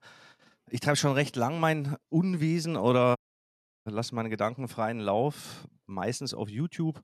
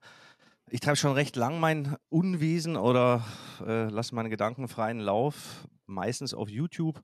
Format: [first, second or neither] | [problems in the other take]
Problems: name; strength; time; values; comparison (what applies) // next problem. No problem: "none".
second | audio cutting out; at 3 s for 0.5 s